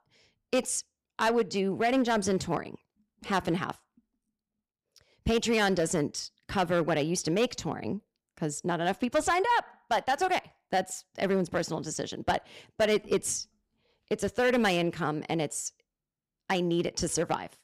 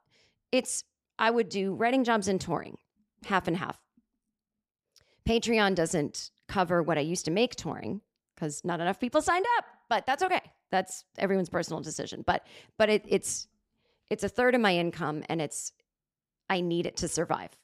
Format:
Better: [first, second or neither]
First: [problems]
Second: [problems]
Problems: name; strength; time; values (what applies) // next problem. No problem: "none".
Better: second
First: distortion; slight; 4% of the sound clipped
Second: none